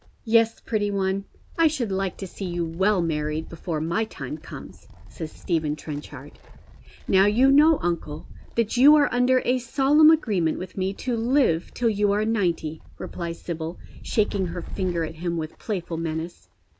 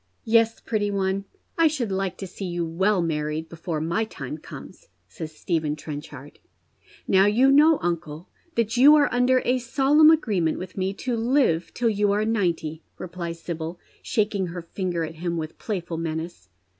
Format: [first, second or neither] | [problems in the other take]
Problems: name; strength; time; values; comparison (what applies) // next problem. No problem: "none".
second | background sound (Wind); 15 dB below the speech